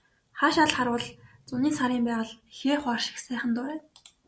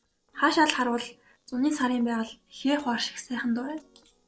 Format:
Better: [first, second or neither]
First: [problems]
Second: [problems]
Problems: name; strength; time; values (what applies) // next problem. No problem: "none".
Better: first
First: none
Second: noise reduction (neural separator model SepFormer DNS4)